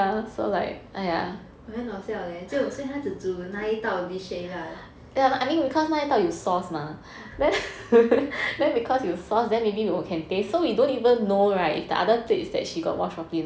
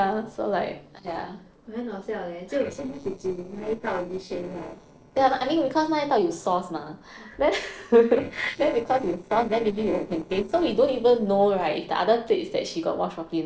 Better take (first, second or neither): first